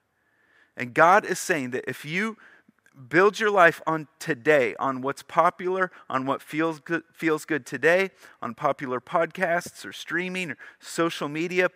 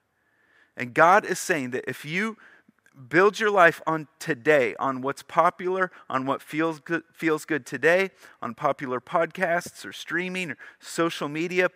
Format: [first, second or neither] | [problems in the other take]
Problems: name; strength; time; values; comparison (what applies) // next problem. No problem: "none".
neither | none